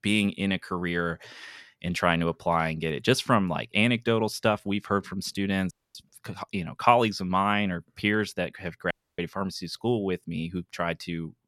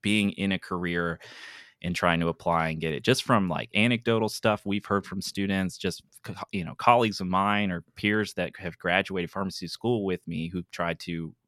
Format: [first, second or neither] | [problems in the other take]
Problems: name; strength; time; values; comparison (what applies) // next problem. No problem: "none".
second | audio cutting out; at 5.5 s and at 9 s